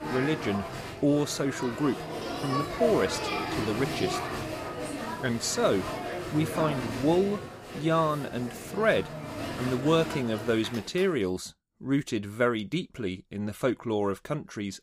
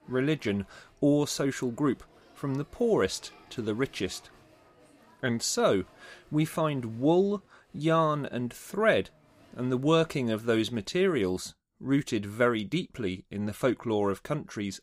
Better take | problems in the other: second | crowd noise; loud; until 11 s; 6 dB below the speech; faint in the second

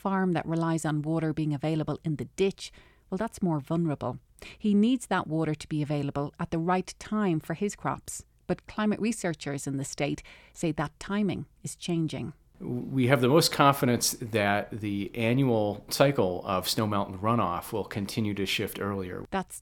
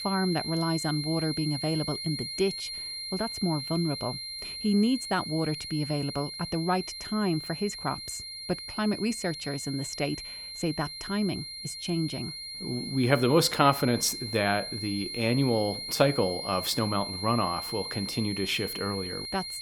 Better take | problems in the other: first | high-pitched whine; loud; throughout; 4 kHz, 6 dB below the speech

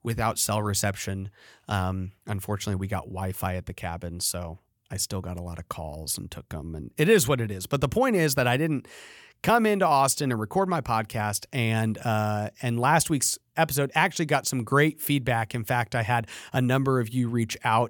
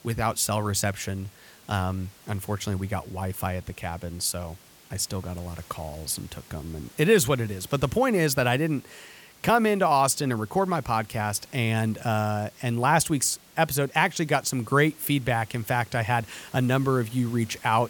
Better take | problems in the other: first | hiss; faint; throughout; 25 dB below the speech

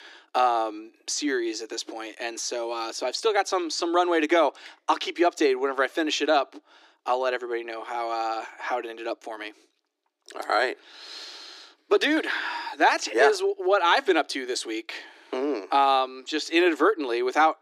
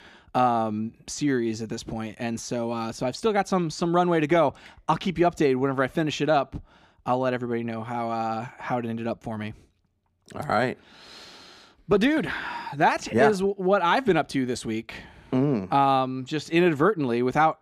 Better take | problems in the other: second | thin; somewhat; fading below 300 Hz

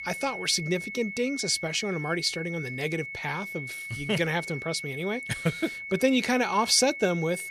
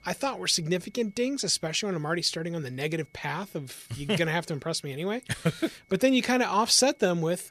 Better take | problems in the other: second | high-pitched whine; loud; throughout; 2 kHz, 8 dB below the speech; faint in the second

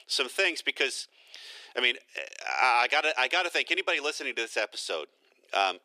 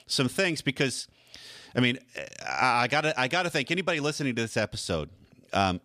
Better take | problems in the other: second | thin; very; fading below 350 Hz

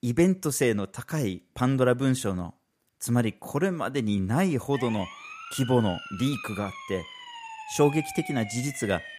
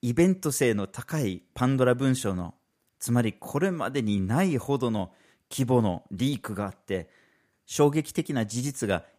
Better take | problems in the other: second | siren; noticeable; from 4.5 s on; peak 9 dB below the speech

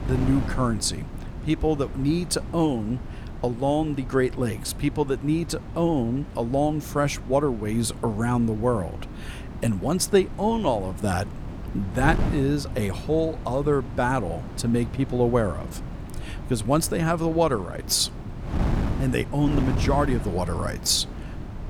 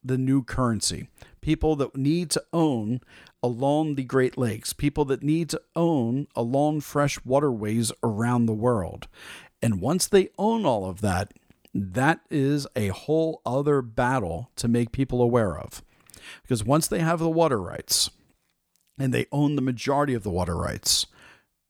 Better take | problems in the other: second | wind noise on the microphone; occasional gusts; 15 dB below the speech

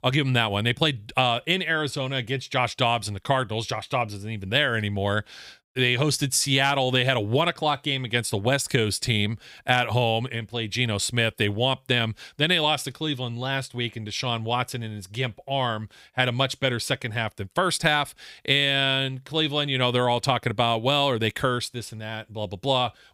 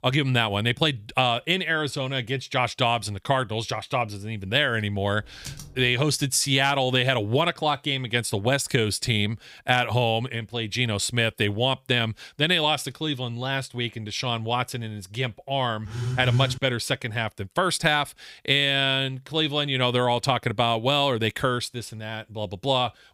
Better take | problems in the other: first | keyboard typing; faint; at 5 s; peak 15 dB below the speech // phone ringing; noticeable; at 16 s; peak 3 dB below the speech

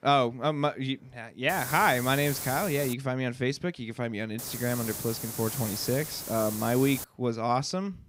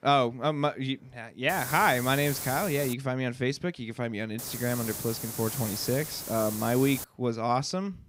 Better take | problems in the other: neither | hiss; loud; from 1.5 to 3 s and from 4.5 to 7 s; 6 dB below the speech; the same in both

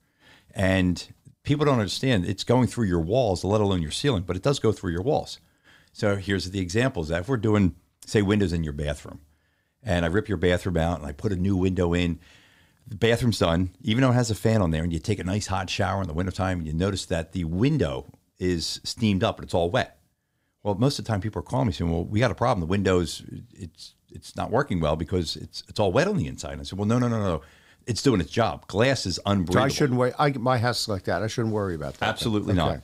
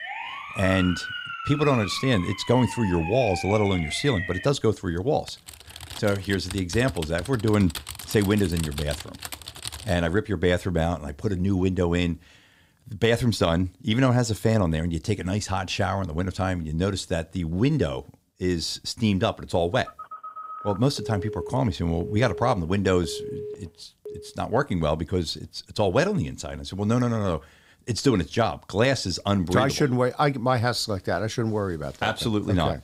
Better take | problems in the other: first | siren; noticeable; until 4.5 s; peak 6 dB below the speech // keyboard typing; noticeable; from 5.5 to 10 s; peak 9 dB below the speech // phone ringing; noticeable; from 20 to 24 s; peak 9 dB below the speech

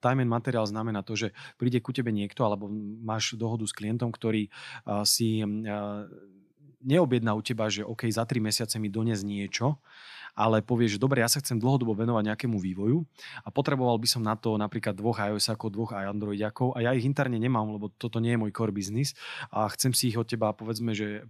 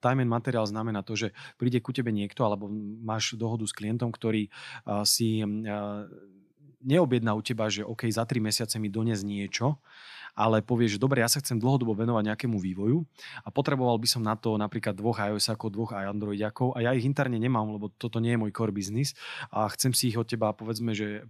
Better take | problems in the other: neither | none

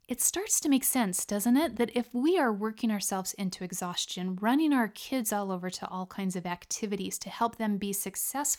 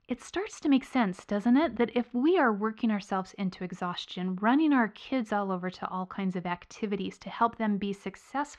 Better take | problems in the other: first | muffled; very; fading above 3 kHz

